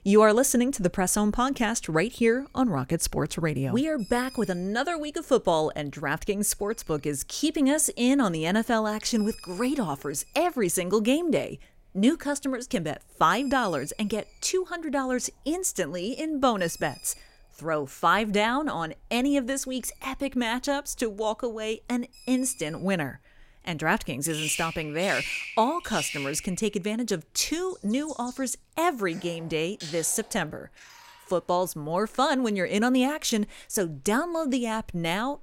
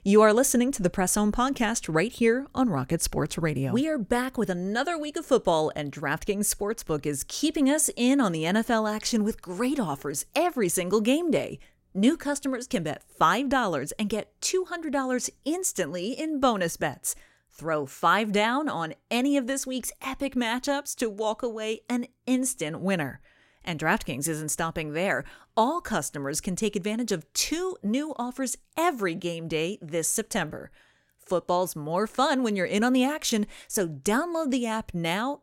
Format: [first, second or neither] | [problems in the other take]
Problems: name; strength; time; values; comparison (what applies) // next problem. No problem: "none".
second | animal sounds; noticeable; throughout; 10 dB below the speech